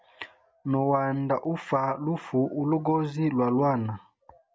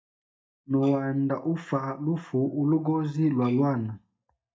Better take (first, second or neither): first